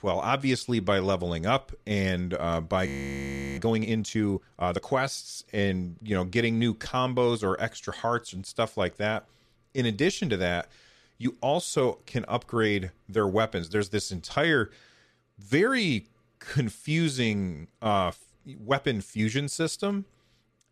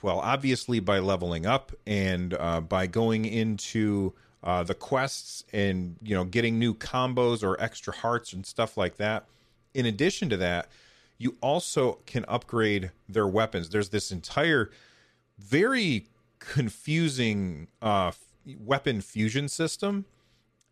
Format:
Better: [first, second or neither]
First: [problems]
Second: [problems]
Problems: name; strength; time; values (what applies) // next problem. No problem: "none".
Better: second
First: audio freezing; at 3 s for 0.5 s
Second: none